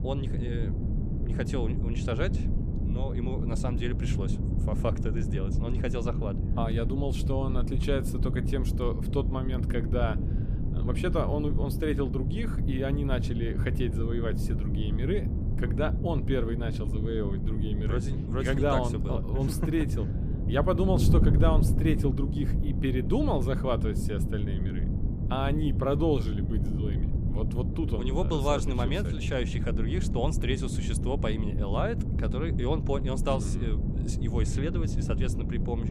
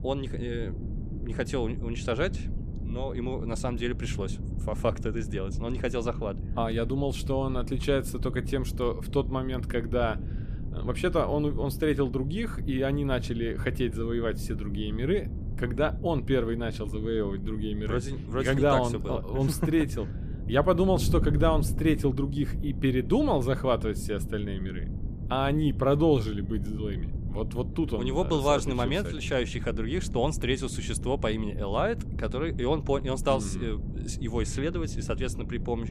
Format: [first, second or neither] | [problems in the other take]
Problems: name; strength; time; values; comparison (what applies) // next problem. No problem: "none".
second | wind noise on the microphone; heavy; 7 dB below the speech; occasional gusts in the second